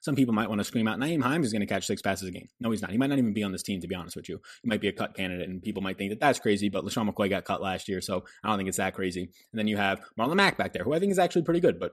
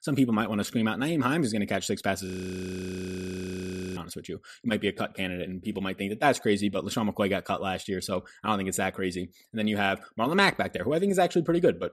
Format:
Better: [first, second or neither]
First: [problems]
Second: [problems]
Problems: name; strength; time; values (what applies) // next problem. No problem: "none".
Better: first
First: none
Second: audio freezing; at 2.5 s for 1.5 s